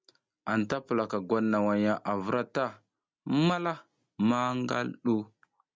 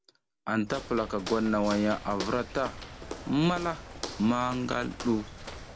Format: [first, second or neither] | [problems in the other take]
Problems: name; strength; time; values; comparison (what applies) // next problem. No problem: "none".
first | background sound (Walk, footsteps); 11 dB below the speech